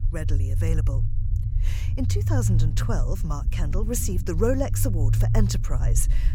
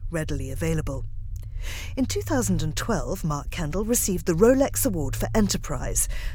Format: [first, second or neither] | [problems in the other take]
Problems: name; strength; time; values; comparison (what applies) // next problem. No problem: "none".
second | low rumble; loud; throughout; 8 dB below the speech; faint in the second